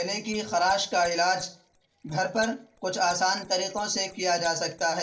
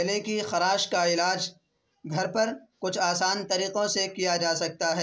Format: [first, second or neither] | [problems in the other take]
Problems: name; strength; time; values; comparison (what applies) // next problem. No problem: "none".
second | noise reduction (neural separator model SepFormer DNS4)